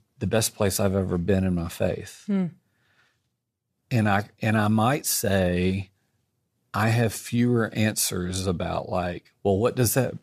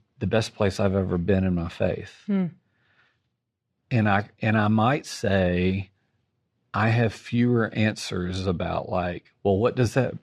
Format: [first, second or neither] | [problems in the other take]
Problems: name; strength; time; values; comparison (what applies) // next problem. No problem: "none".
first | muffled; slightly; fading above 3 kHz